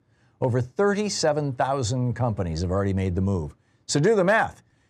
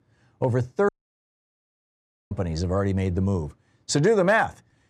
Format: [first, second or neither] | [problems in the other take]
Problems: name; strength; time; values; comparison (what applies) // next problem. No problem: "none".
first | audio cutting out; at 1 s for 1.5 s